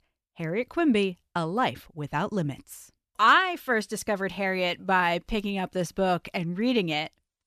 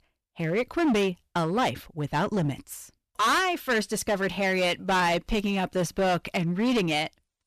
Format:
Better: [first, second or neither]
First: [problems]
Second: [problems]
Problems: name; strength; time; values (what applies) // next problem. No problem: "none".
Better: first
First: none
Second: distortion; heavy; 13% of the sound clipped